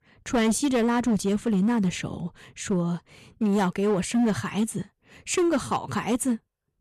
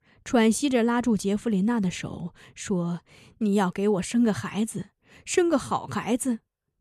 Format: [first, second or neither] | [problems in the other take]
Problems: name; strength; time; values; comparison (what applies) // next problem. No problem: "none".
second | distortion; slight; 9% of the sound clipped